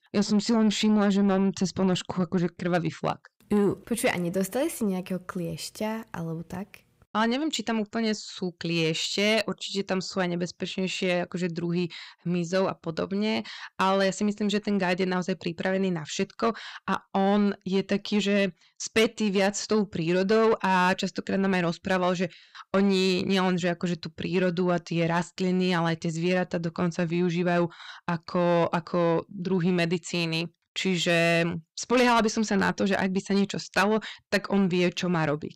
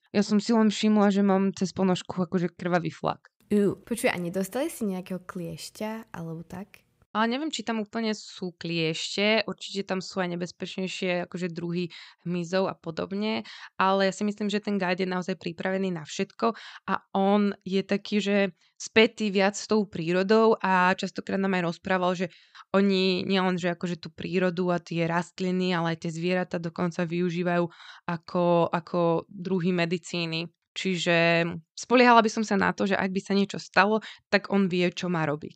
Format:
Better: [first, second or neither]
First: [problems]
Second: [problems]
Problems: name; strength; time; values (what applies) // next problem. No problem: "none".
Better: second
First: distortion; slight; 10 dB below the speech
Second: none